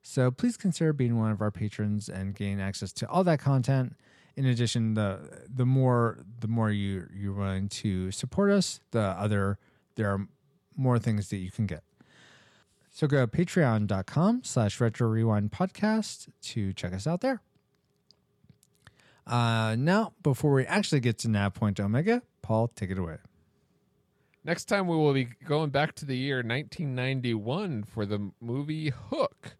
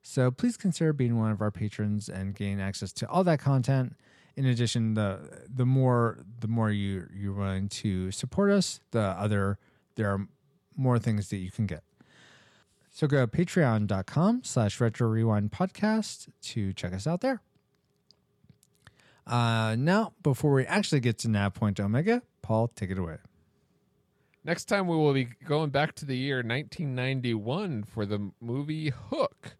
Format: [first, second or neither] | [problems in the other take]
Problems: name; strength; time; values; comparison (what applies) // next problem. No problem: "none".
neither | none